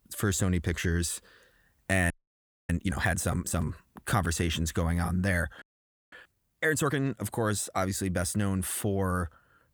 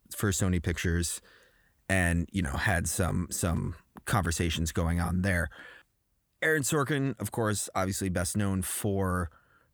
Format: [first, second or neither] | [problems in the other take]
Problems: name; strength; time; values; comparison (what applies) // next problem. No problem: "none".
second | audio freezing; at 2 s for 0.5 s and at 5.5 s for 0.5 s